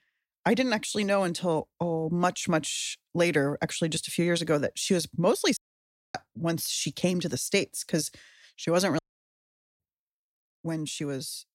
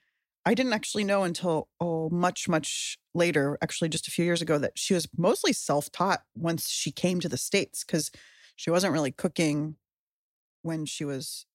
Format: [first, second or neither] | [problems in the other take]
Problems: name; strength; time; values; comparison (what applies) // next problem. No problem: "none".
second | audio cutting out; at 5.5 s for 0.5 s and at 9 s for 1 s